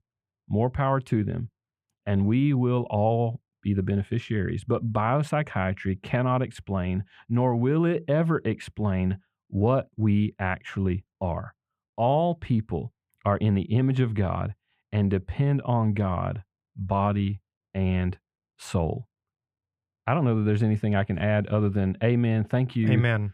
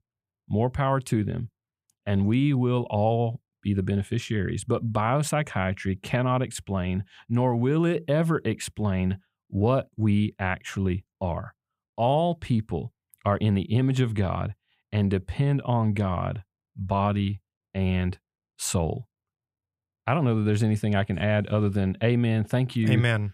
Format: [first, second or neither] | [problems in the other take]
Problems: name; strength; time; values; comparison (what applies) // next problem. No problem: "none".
second | muffled; slightly; fading above 4 kHz